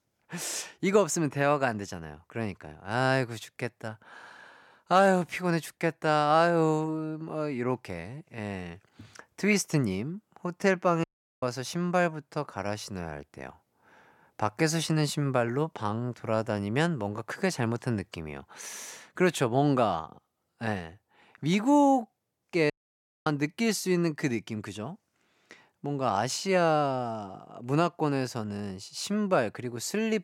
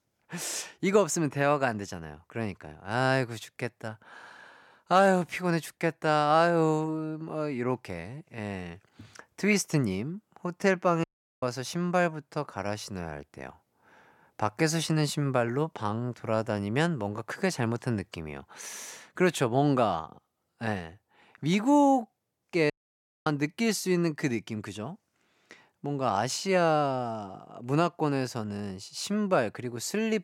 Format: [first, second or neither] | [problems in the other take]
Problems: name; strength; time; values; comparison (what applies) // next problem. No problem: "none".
neither | audio cutting out; at 11 s and at 23 s for 0.5 s; the same in both